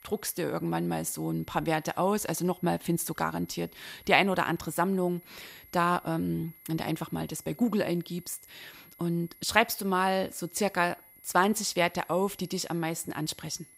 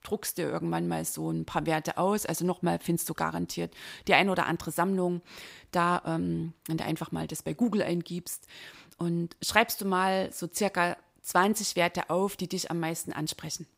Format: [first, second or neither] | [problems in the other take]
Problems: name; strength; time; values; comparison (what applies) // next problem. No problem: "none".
second | high-pitched whine; faint; throughout; 11.5 kHz, 25 dB below the speech